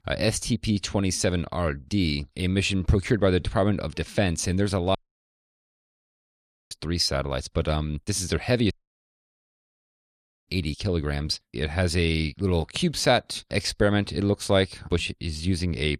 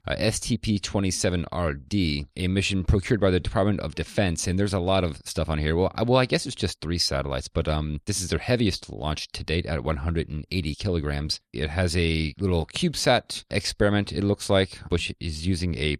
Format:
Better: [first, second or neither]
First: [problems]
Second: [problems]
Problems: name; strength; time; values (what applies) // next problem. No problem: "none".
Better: second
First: audio cutting out; at 5 s for 2 s and at 8.5 s for 2 s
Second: none